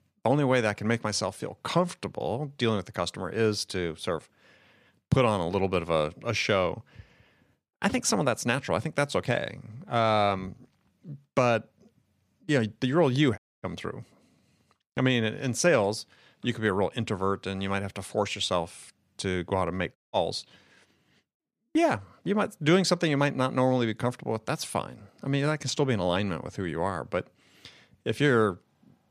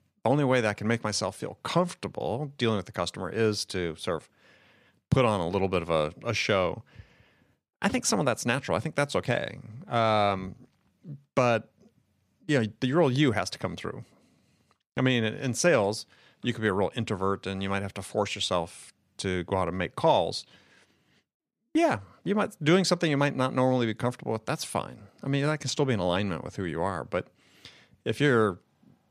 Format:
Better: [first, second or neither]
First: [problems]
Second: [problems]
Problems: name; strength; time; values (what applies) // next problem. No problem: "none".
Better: second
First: audio cutting out; at 13 s and at 20 s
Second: none